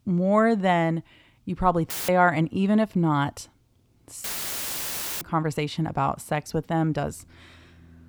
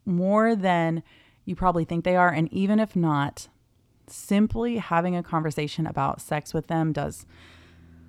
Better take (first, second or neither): second